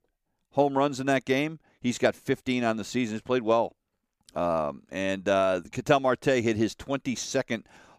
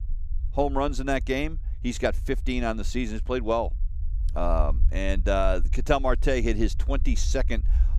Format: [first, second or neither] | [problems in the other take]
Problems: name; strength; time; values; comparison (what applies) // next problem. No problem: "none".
first | low rumble; faint; throughout; 25 dB below the speech